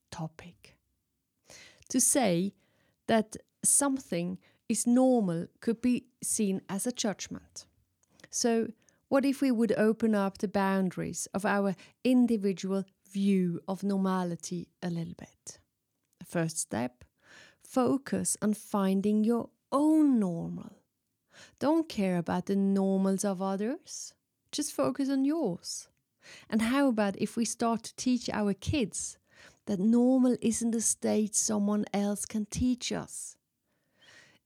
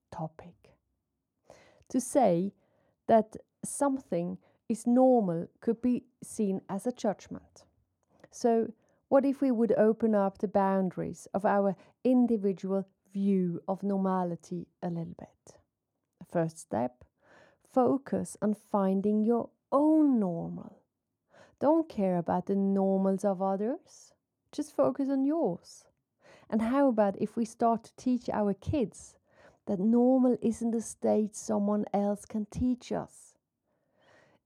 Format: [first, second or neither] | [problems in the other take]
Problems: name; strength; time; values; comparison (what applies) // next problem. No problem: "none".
first | muffled; very; fading above 1.5 kHz